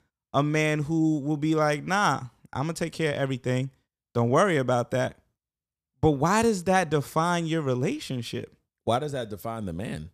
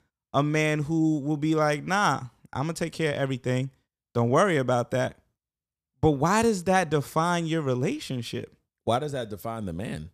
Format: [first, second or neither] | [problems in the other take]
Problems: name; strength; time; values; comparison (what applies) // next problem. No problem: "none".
neither | none